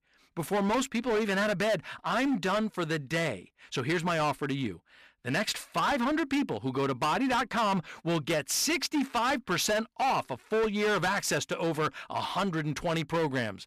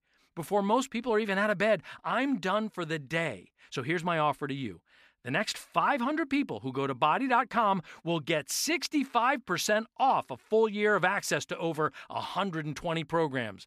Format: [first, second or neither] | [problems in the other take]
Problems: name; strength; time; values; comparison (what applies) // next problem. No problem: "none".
second | distortion; heavy; 17% of the sound clipped